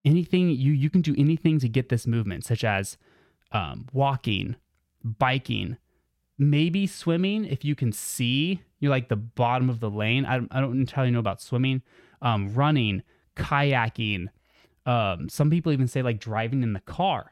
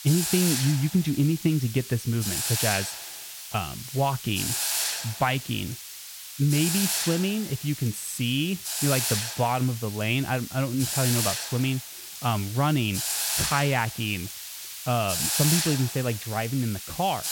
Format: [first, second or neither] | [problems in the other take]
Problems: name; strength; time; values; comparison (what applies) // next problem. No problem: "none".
first | hiss; loud; throughout; 3 dB below the speech